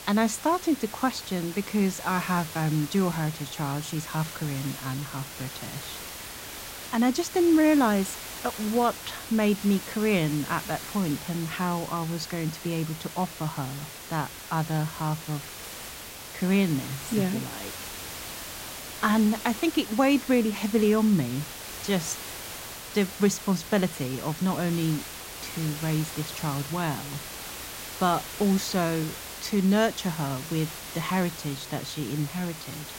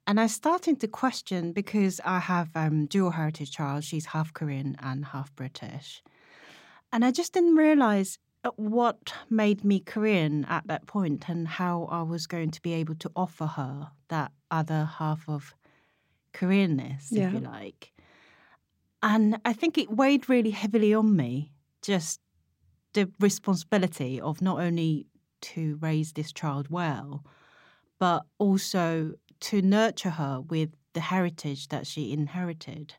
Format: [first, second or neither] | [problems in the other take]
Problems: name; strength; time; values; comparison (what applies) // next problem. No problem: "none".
second | hiss; loud; throughout; 10 dB below the speech